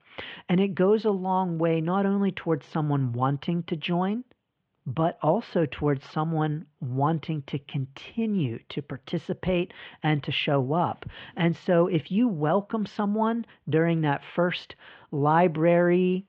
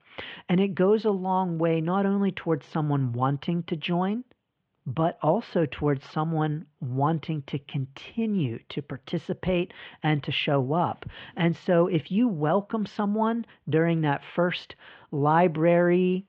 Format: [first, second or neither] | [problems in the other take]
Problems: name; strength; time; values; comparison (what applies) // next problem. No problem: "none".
neither | muffled; very; fading above 3 kHz; the same in both